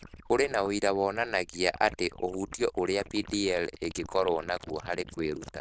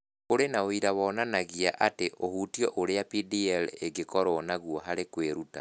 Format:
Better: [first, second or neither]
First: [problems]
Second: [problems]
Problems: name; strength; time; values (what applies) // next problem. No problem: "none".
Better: second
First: noise reduction (neural diffusion model UNIVERSE++)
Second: none